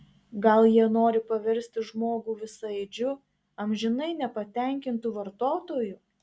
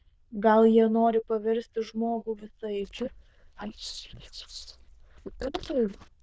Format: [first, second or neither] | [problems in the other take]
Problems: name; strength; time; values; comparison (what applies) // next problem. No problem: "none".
first | noise reduction (neural diffusion model UNIVERSE++)